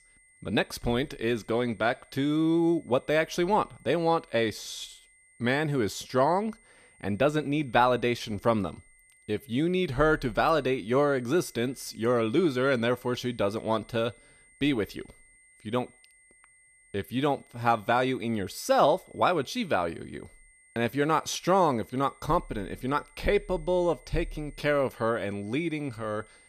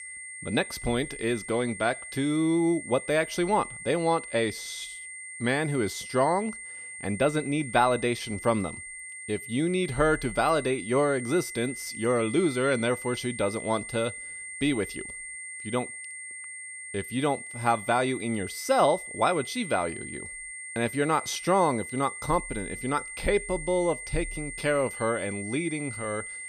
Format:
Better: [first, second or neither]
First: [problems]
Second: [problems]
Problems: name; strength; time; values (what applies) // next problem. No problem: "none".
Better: first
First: high-pitched whine; faint; throughout; 2 kHz, 30 dB below the speech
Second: high-pitched whine; loud; throughout; 2 kHz, 10 dB below the speech